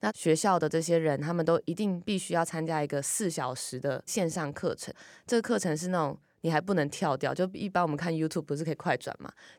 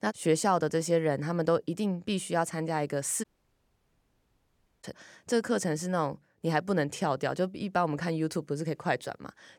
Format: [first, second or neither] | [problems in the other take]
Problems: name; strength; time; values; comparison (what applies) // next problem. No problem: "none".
first | audio cutting out; at 3 s for 1.5 s